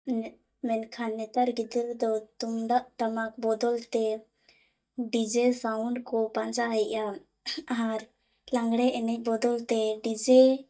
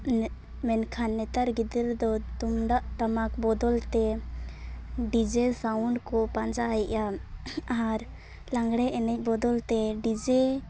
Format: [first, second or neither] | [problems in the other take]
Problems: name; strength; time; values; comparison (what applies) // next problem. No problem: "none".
second | noise reduction (neural mask model DeepFilterNet 3)